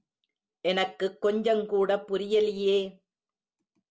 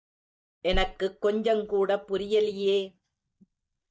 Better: first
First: none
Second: noise reduction (neural mask model DeepFilterNet 3)

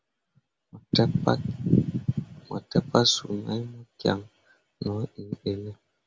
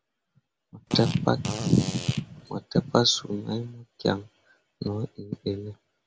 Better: first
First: none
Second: background sound (Fart); 9 dB below the speech

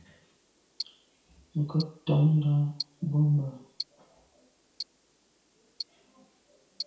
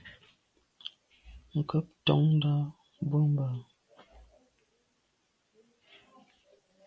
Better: second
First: background sound (Tick-tock); 15 dB below the speech // room echo; dies away in 0.6 s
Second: none

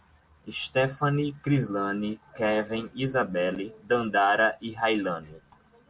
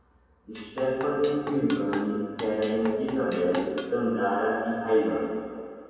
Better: first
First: none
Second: background sound (Drum kit); 15 dB below the speech // room echo; dies away in 2.2 s

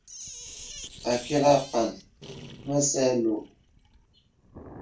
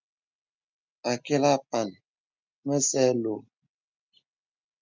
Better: second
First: background sound (Sink (filling or washing)); 16 dB below the speech // room echo; dies away in 0.3 s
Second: none

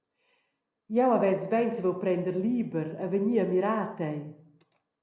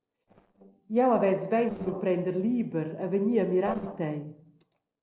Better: first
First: none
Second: noise reduction (neural separator model SepFormer DNS4)

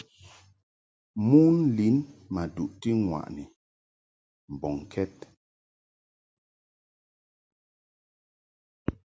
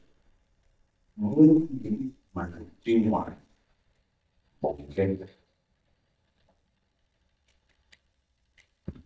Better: first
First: none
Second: noise reduction (neural mask model DeepFilterNet 3)

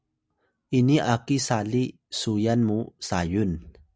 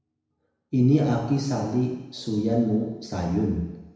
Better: first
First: none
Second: room echo; dies away in 1 s

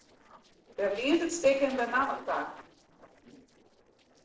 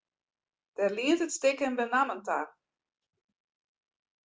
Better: second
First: noise reduction (neural separator model SepFormer DNS4)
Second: none

